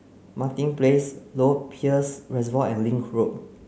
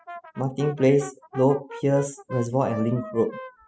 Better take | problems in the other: first | noise reduction (classical method spectral subtraction)

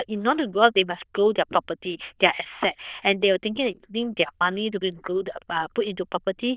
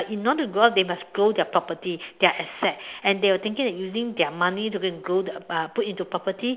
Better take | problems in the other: second | noise reduction (neural diffusion model UNIVERSE++)

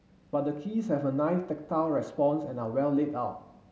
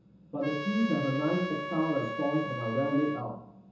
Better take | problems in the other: first | background sound (Trumpet); 7 dB below the speech // room echo; dies away in 0.6 s

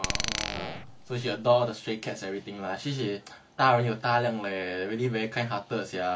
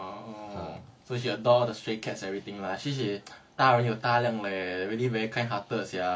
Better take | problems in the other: second | background sound (Glass); 6 dB below the speech

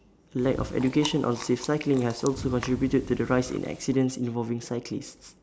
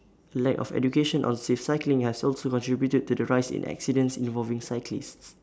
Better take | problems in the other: second | background sound (Chewing, mastication); 13 dB below the speech

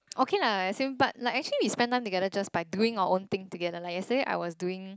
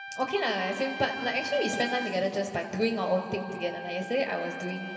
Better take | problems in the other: first | background sound (Trumpet); 10 dB below the speech // room echo; dies away in 2.5 s

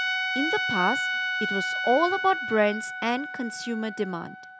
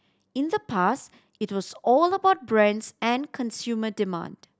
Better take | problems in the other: second | background sound (Trumpet); 2 dB below the speech

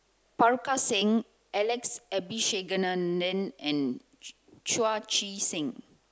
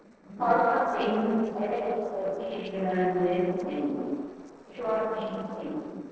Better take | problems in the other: first | noise reduction (neural separator model SepFormer DNS4)

